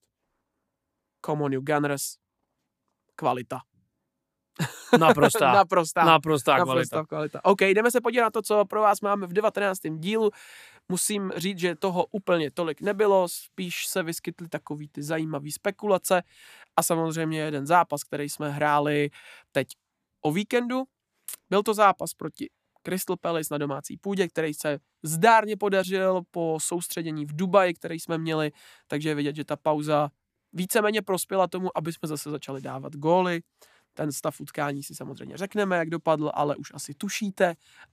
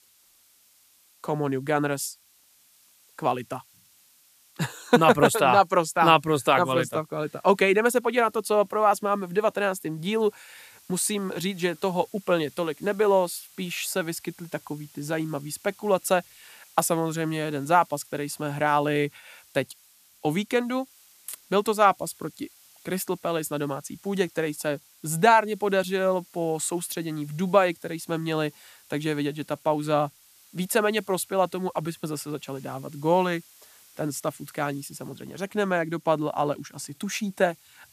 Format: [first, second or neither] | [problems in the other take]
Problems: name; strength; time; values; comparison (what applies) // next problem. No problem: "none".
first | hiss; faint; throughout; 25 dB below the speech